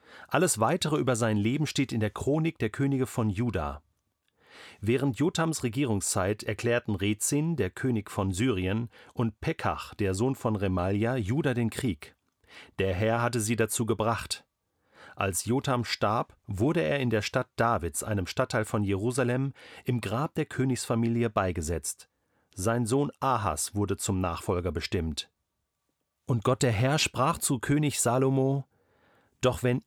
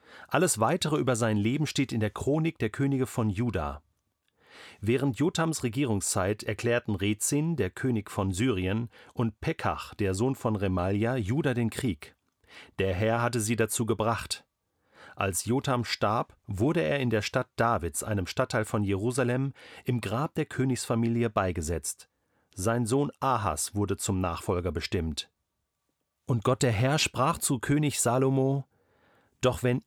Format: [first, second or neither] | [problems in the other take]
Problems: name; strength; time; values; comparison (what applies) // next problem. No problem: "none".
neither | none